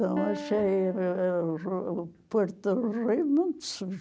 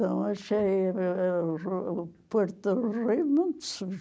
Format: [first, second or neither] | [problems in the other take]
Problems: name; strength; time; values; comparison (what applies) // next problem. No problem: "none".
second | background sound (Piano); 15 dB below the speech